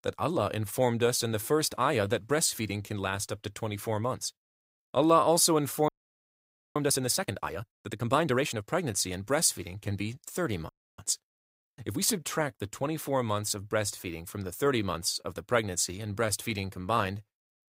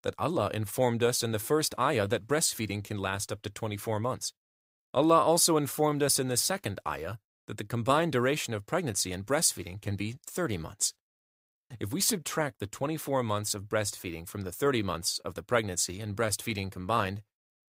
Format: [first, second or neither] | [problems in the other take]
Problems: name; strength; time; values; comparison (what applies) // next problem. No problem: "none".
second | audio freezing; at 6 s for 1 s and at 11 s